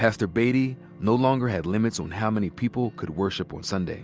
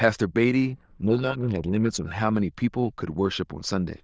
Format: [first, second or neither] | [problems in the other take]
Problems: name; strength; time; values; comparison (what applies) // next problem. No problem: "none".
first | noise reduction (neural diffusion model UNIVERSE++)